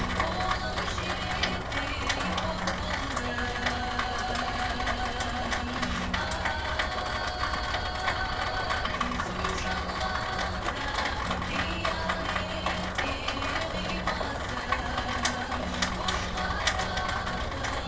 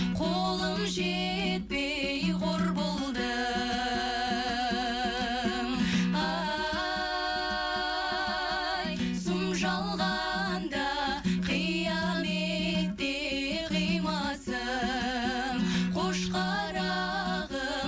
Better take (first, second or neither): second